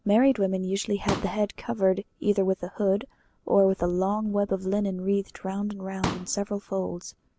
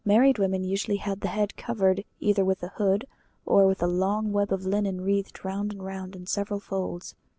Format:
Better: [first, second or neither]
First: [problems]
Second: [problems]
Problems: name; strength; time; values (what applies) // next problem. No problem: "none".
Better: second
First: background sound (Explosion); 8 dB below the speech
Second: none